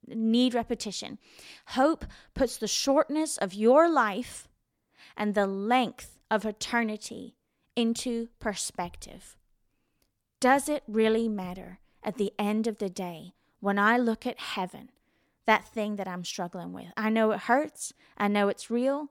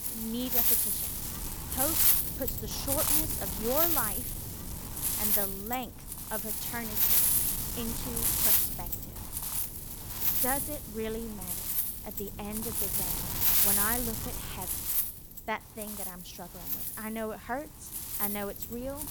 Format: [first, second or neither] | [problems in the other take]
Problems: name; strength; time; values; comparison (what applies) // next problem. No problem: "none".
first | wind noise on the microphone; heavy; 3 dB above the speech